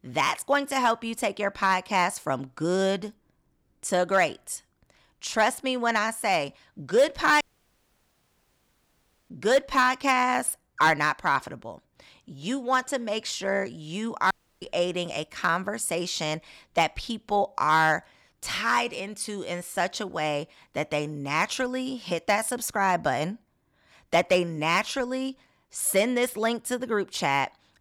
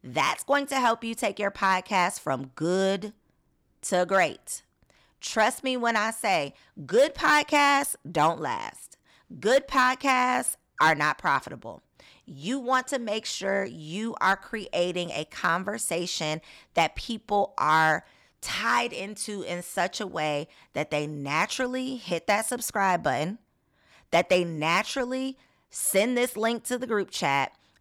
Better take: second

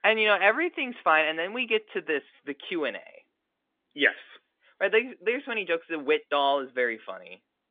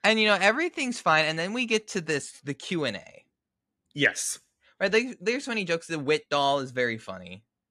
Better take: second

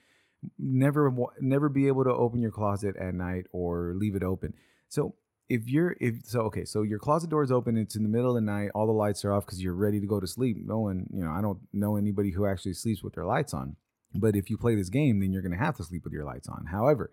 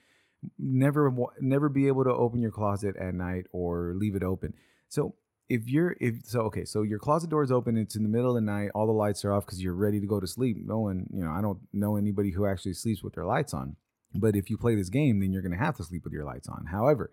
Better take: neither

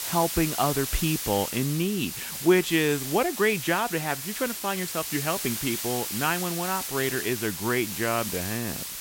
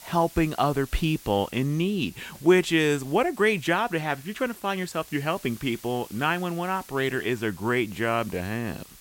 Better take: second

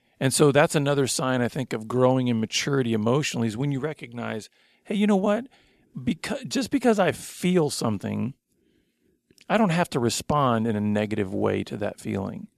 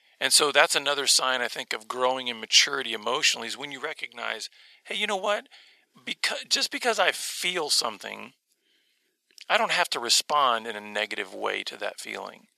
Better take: first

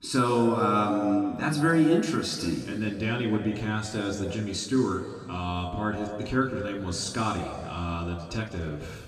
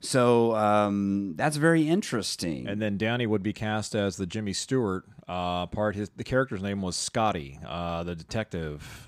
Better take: second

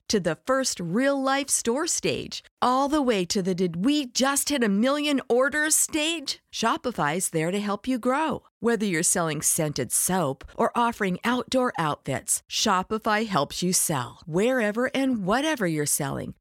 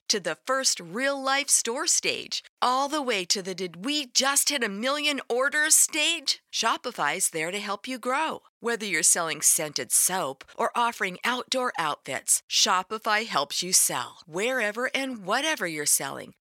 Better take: first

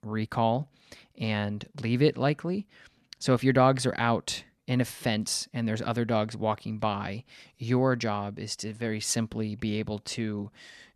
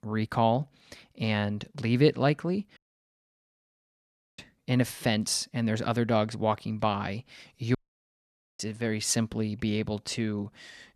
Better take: first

